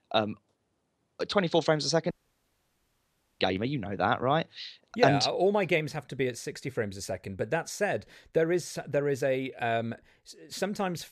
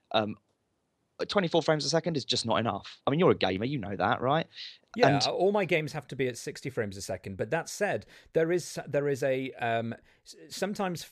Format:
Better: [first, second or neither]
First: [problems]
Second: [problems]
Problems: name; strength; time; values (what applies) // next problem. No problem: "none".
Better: second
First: audio cutting out; at 2 s for 1.5 s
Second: none